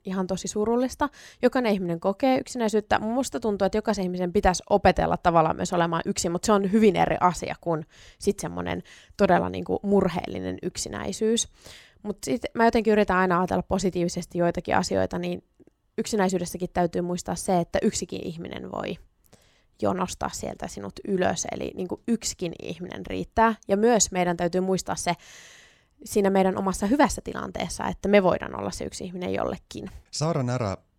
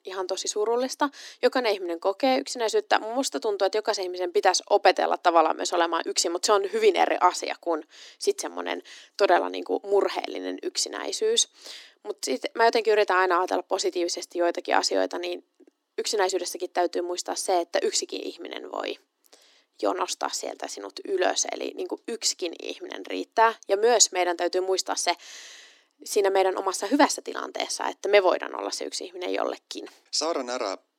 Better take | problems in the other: first | thin; somewhat; fading below 250 Hz

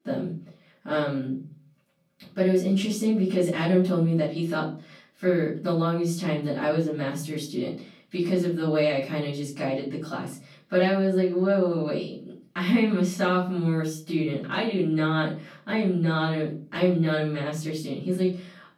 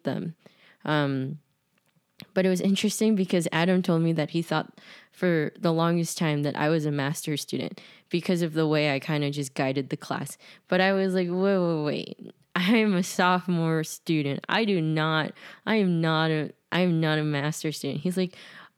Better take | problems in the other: second | room echo; slight; dies away in 0.4 s // off-mic speech; far

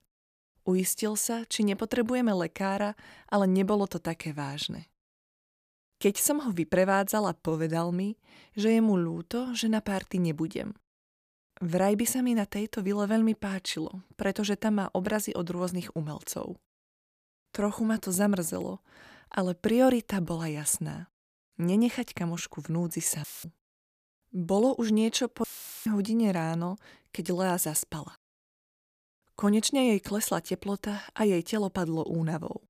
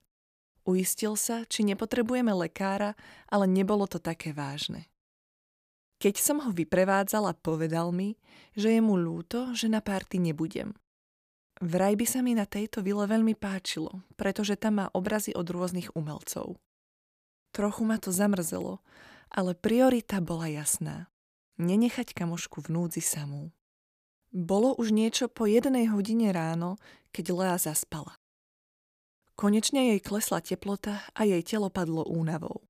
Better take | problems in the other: second | audio cutting out; filled with static; at 23 s and at 25 s

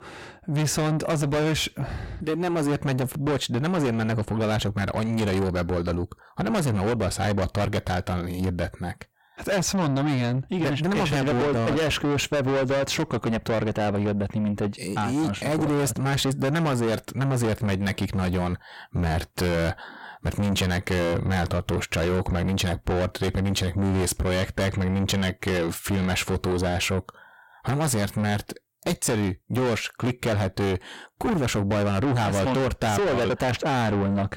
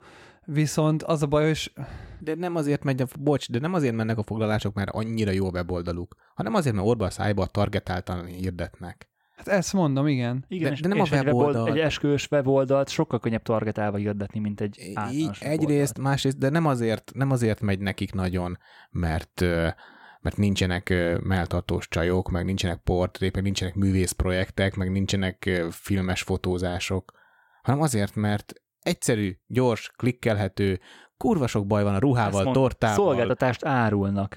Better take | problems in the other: second | distortion; heavy; 6 dB below the speech

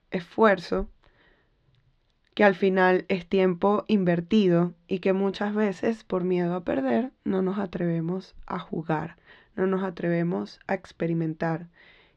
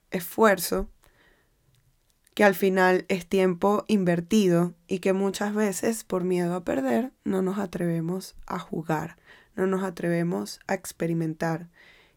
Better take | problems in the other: second | muffled; slightly; fading above 4 kHz

